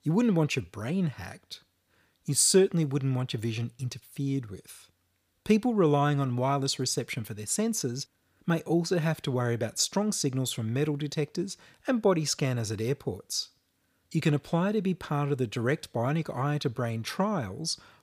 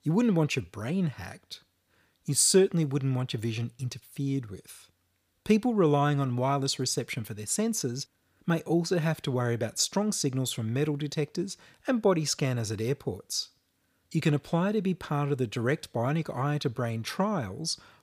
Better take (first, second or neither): neither